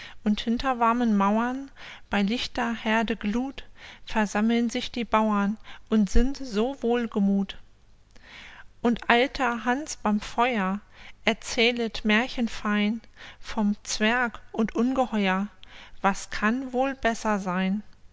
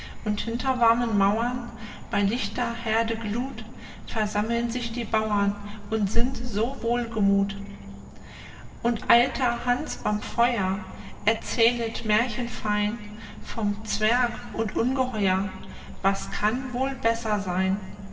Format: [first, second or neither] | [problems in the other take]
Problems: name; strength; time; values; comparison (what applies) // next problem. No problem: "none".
first | background sound (Insect / Frog); 18 dB below the speech // room echo; dies away in 2.3 s